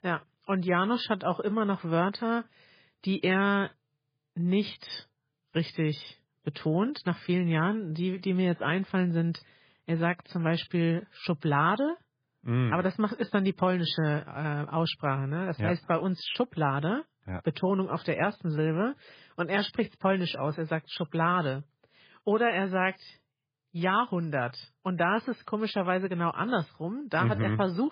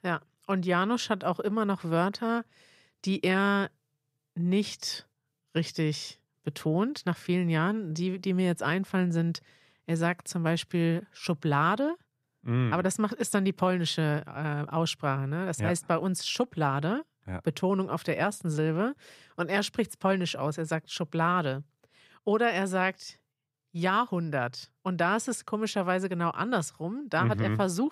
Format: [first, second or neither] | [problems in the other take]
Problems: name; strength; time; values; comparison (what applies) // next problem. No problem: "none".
second | garbled, watery; badly; nothing above 5 kHz